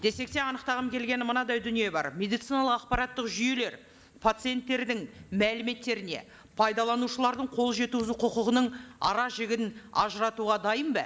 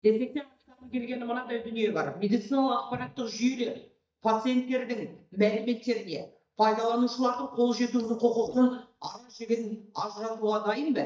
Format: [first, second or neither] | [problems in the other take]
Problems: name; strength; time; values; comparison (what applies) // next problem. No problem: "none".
first | noise reduction (neural mask model DeepFilterNet 3)